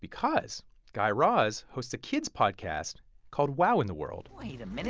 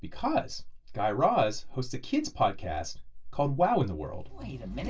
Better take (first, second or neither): first